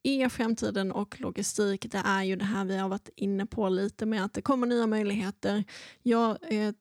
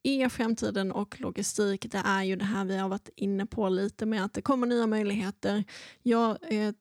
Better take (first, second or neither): neither